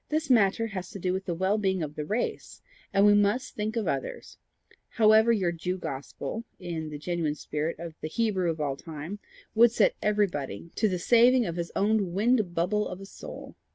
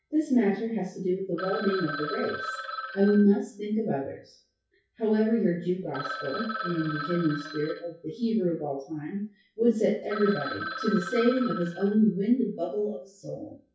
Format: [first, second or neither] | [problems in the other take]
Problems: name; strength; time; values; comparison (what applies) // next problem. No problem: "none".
first | noise reduction (classical method WPE with log-MMSE)